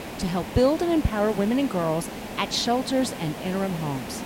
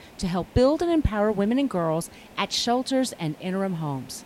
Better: second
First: hiss; loud; throughout; 10 dB below the speech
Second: hiss; faint; throughout; 25 dB below the speech

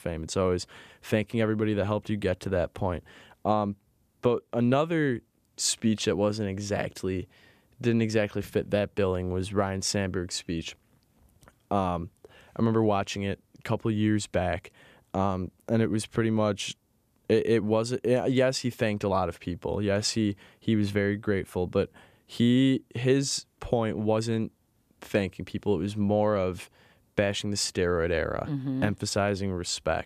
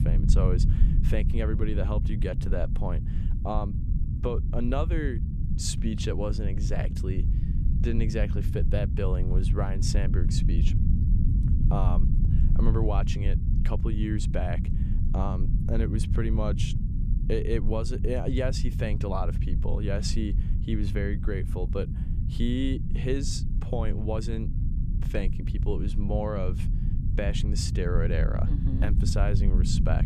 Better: first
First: none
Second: low rumble; loud; throughout; 7 dB below the speech

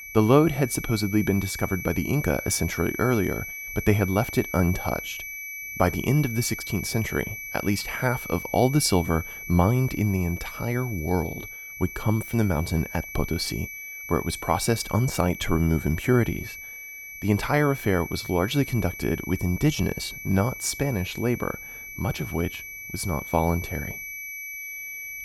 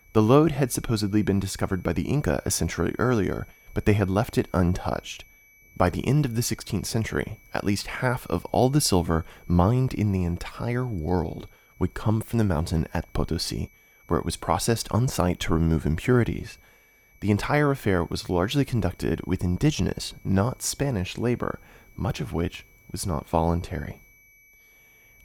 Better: second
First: high-pitched whine; loud; throughout; 2.5 kHz, 10 dB below the speech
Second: high-pitched whine; faint; throughout; 2.5 kHz, 30 dB below the speech

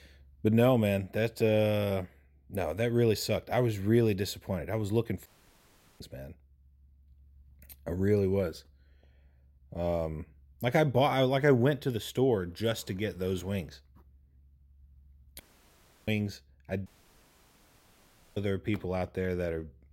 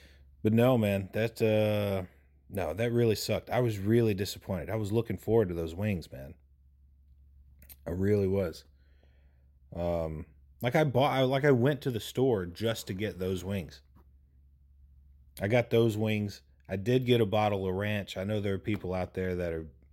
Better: second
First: audio cutting out; at 5.5 s for 0.5 s, at 15 s for 0.5 s and at 17 s for 1.5 s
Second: none

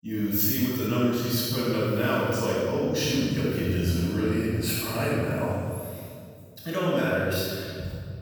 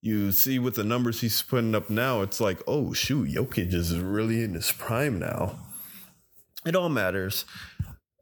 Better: second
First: room echo; strong; dies away in 1.7 s // off-mic speech; far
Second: none

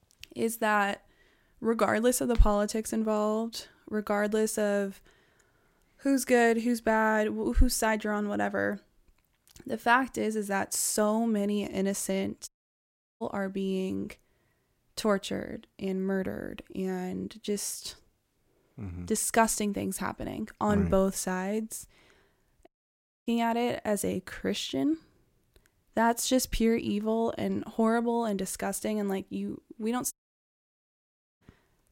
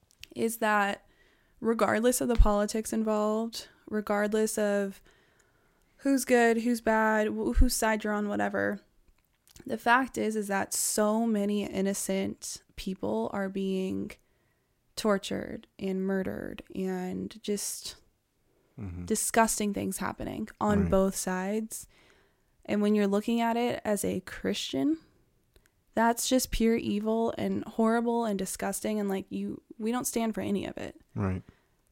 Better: second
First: audio cutting out; at 12 s for 0.5 s, at 23 s for 0.5 s and at 30 s for 1.5 s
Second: none

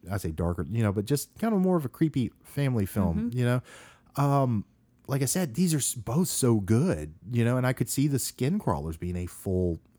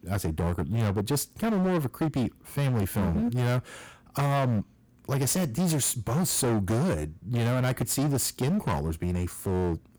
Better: first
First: none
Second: distortion; heavy; 25% of the sound clipped

